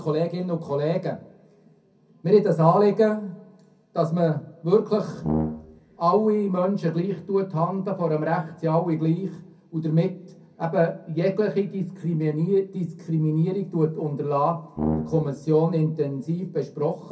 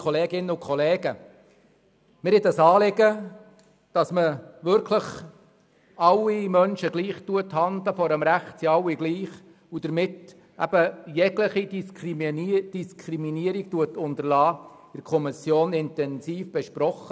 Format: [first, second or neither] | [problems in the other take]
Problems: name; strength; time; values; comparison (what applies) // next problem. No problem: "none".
second | background sound (Brass instrument); 5 dB below the speech // room echo; dies away in 0.3 s